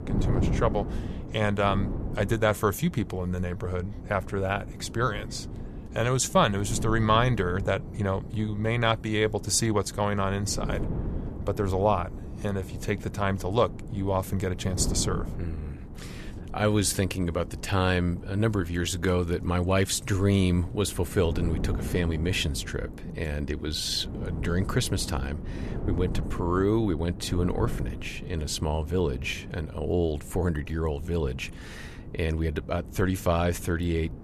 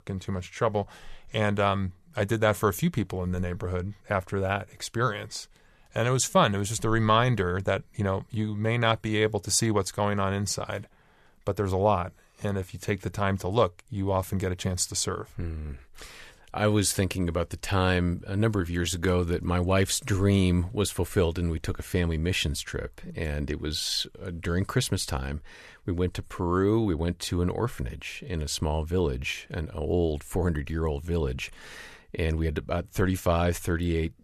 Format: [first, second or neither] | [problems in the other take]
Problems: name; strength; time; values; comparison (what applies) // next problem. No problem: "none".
second | wind noise on the microphone; occasional gusts; 15 dB below the speech